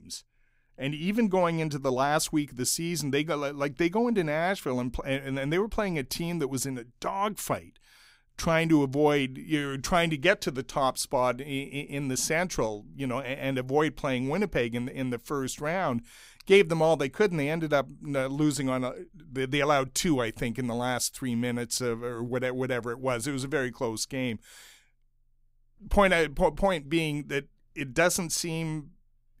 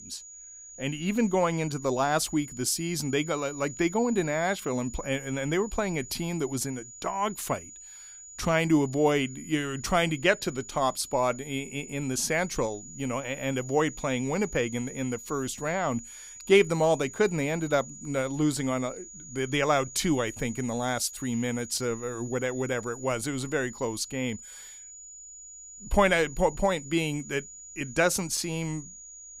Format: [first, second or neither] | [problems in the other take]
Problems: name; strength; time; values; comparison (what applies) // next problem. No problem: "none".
first | high-pitched whine; noticeable; throughout; 7 kHz, 15 dB below the speech